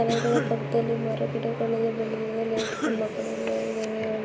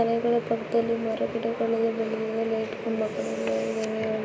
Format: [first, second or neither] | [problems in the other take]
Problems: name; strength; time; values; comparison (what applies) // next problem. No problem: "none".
second | background sound (Cough + Bowed string instrument); 7 dB below the speech